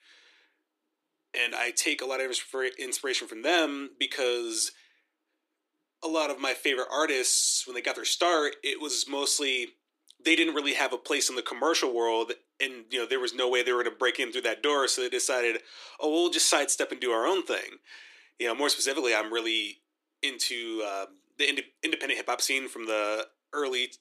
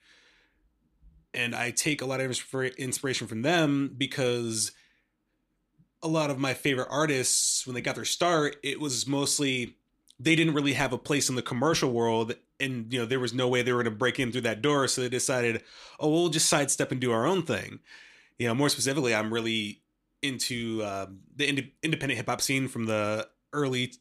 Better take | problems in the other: second | thin; somewhat; fading below 350 Hz

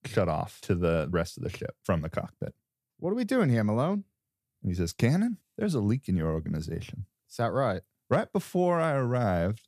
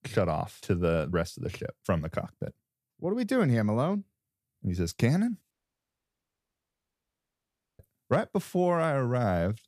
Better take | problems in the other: first | audio cutting out; at 5.5 s for 2.5 s

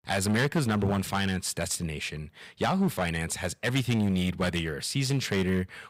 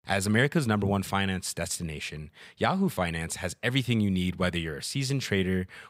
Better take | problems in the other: second | distortion; slight; 8% of the sound clipped

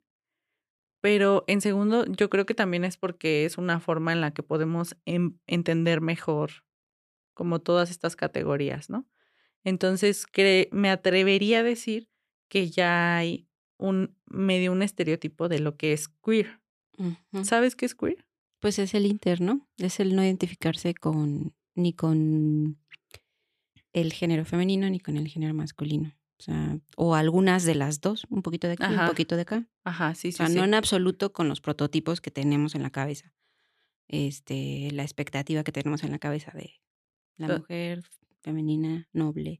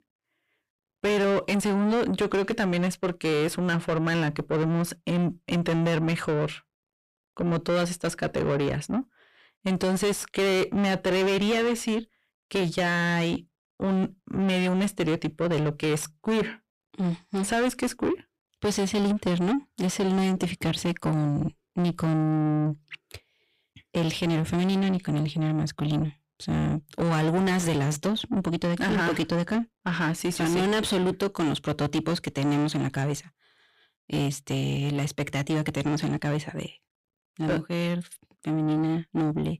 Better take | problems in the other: first | distortion; heavy; 6 dB below the speech

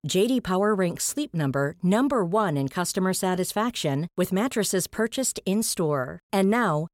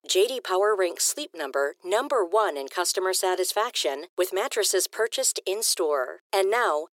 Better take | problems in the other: first | thin; very; fading below 350 Hz

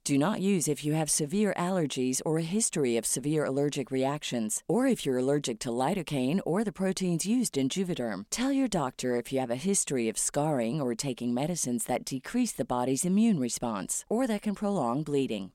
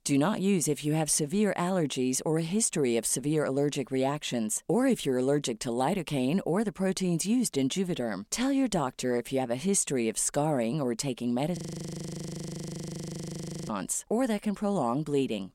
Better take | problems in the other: first | audio freezing; at 12 s for 2 s

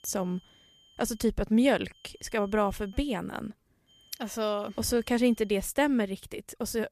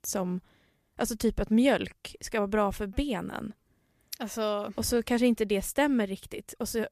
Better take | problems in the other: second | high-pitched whine; faint; until 1 s, from 2 to 3 s and from 4 to 5.5 s; 3 kHz, 30 dB below the speech

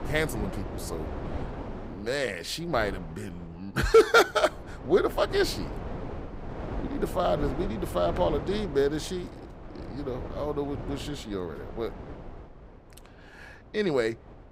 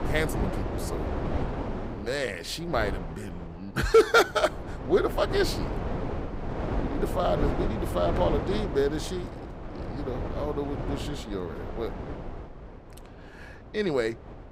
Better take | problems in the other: first | wind noise on the microphone; heavy; 9 dB below the speech; occasional gusts in the first

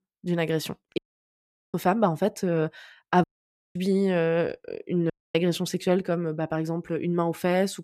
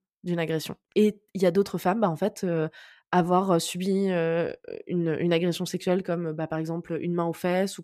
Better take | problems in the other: second | audio cutting out; at 1 s for 1 s, at 3 s for 0.5 s and at 5 s

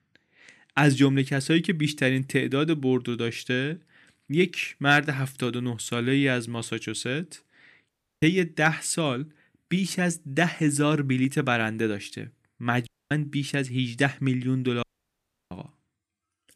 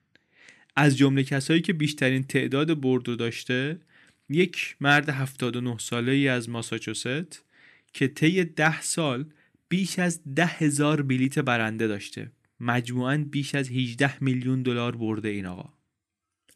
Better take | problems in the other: second | audio cutting out; at 8 s, at 13 s and at 15 s for 0.5 s

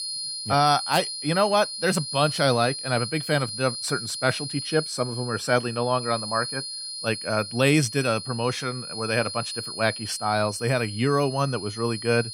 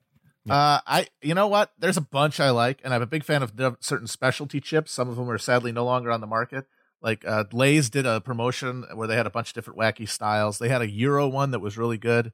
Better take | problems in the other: second | high-pitched whine; loud; throughout; 4 kHz, 7 dB below the speech

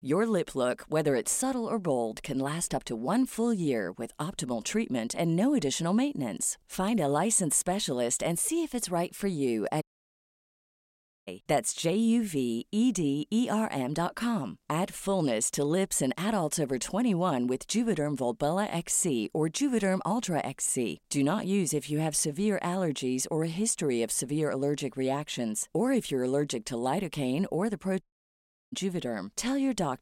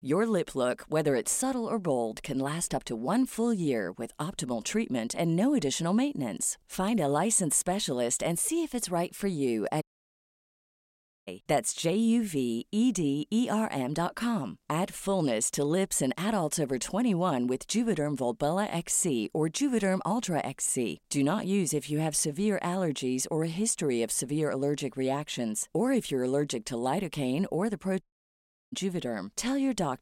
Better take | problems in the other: neither | audio cutting out; at 10 s for 1.5 s and at 28 s for 0.5 s; the same in both

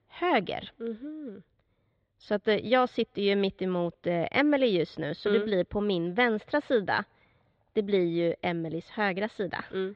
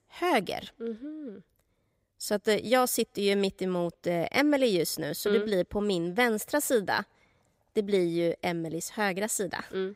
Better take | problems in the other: second | muffled; slightly; fading above 4 kHz

